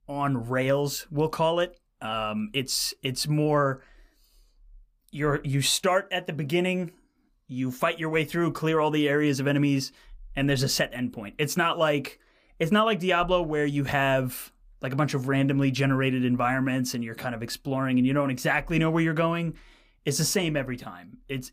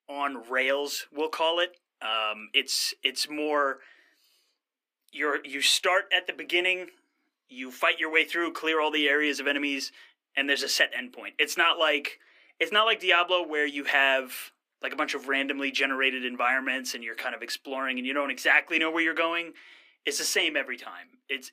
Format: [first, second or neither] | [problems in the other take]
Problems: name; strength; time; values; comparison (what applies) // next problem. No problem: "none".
first | thin; somewhat; fading below 300 Hz